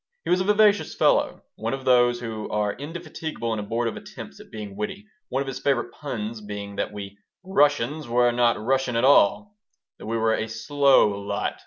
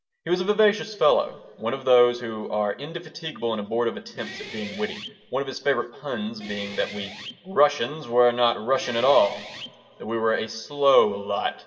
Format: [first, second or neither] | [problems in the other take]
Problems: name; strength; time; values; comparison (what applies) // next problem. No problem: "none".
first | background sound (Guitar); 17 dB below the speech // room echo; dies away in 2.2 s